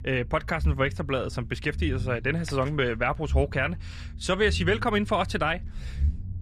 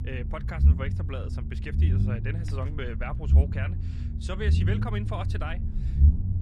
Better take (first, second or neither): first